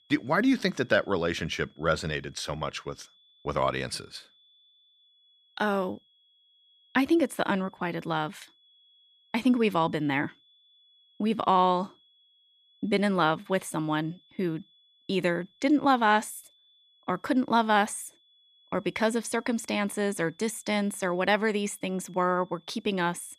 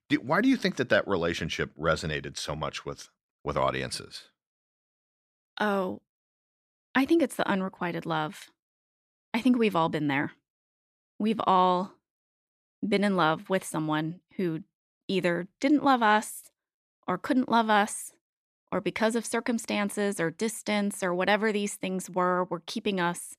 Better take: second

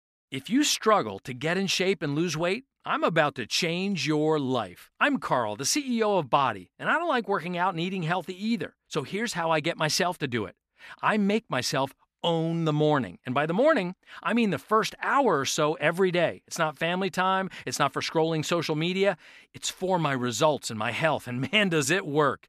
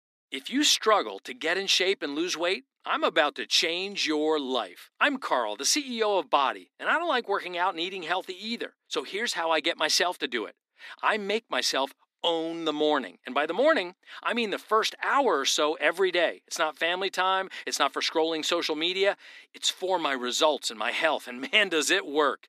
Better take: first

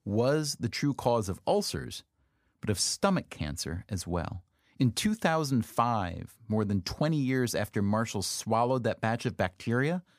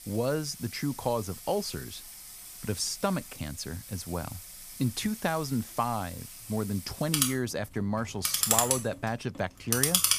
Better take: first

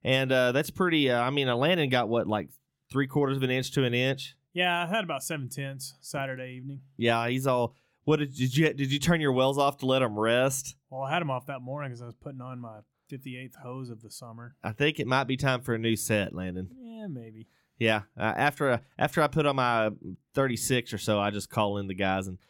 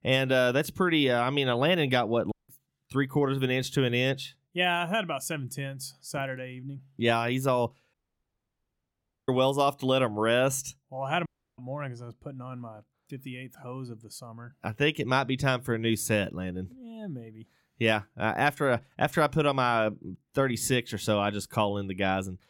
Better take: first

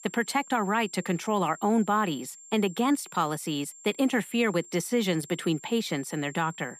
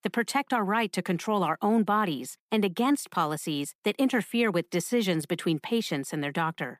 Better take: second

